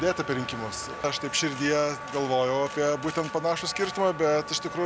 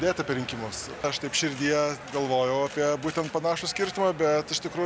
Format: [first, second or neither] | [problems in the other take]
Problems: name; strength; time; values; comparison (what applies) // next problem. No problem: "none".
second | background sound (Wind instrument, woodwind instrument); 13 dB below the speech